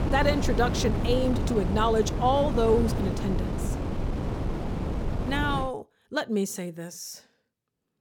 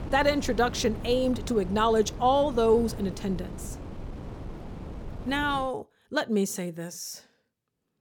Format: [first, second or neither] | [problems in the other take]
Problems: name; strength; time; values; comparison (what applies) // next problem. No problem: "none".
second | wind noise on the microphone; heavy; until 5.5 s; 8 dB below the speech; occasional gusts in the second